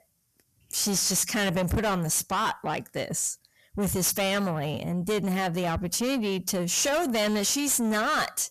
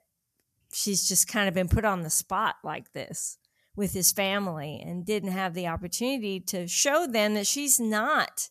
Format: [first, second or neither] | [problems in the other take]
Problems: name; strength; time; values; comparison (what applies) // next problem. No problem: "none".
second | distortion; heavy; 6 dB below the speech